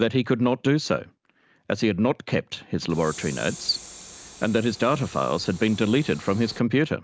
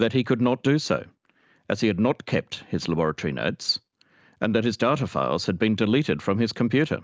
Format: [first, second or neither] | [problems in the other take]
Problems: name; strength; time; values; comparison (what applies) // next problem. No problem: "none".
second | background sound (Train); 18 dB below the speech